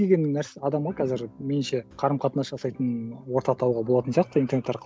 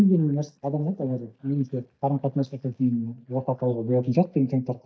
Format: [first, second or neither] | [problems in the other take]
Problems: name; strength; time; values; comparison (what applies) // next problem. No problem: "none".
first | noise reduction (neural mask model DeepFilterNet 3)